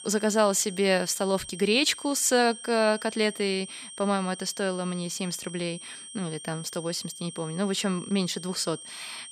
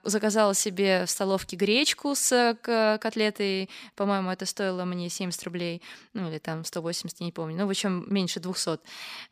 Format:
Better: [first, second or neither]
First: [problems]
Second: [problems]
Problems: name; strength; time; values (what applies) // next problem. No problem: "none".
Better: second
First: high-pitched whine; noticeable; throughout; 8.5 kHz, 15 dB below the speech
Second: none